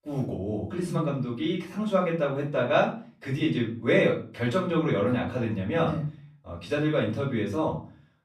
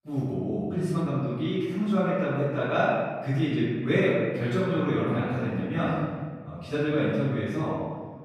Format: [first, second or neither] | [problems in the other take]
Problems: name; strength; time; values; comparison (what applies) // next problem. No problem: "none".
first | room echo; strong; dies away in 1.5 s; slight in the first // off-mic speech; far; far in the first